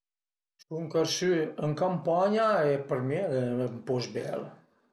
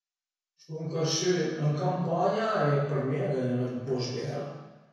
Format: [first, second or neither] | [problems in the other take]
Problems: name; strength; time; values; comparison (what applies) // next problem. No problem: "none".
first | room echo; dies away in 1.1 s